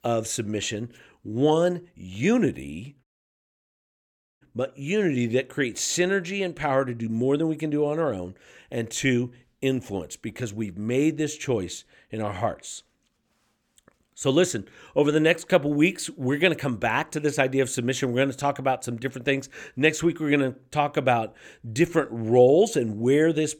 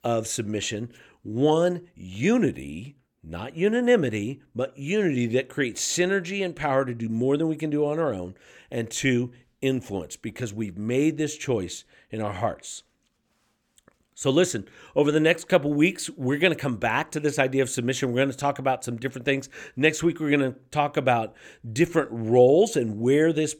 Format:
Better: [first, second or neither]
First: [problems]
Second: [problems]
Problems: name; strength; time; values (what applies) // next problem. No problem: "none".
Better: second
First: audio cutting out; at 3 s for 1.5 s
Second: none